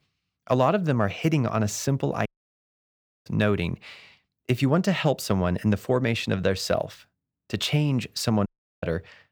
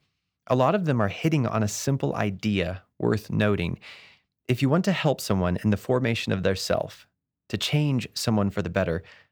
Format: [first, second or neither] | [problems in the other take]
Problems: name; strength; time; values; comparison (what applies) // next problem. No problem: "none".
second | audio cutting out; at 2.5 s for 1 s and at 8.5 s